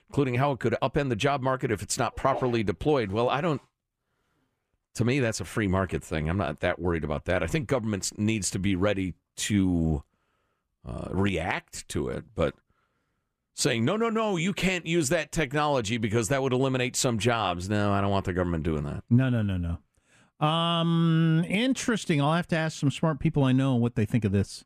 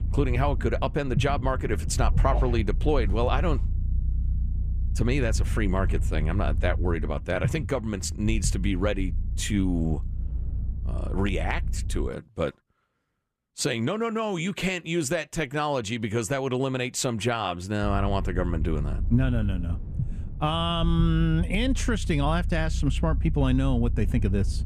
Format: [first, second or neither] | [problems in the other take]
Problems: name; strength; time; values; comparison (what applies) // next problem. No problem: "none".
first | low rumble; noticeable; until 12 s and from 18 s on; 15 dB below the speech